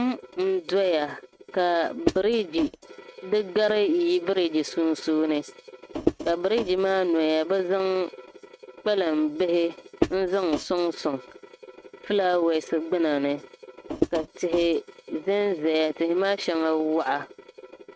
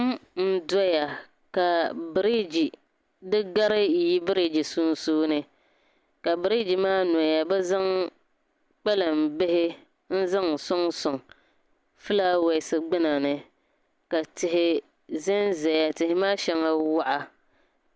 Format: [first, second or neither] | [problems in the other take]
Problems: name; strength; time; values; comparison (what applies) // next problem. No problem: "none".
second | noise reduction (neural mask model RNNoise)